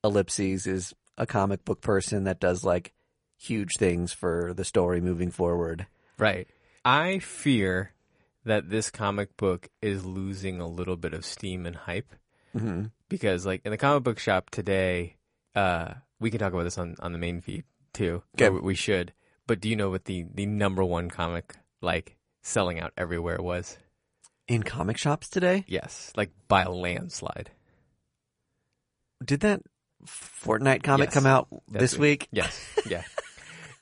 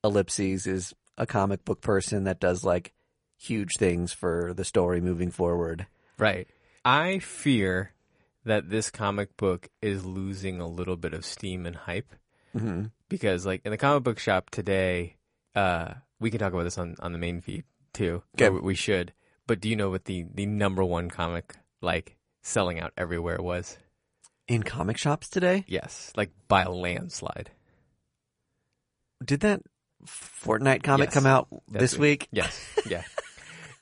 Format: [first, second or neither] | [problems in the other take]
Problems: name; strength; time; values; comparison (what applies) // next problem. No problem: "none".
neither | garbled, watery; slightly; nothing above 10.5 kHz; the same in both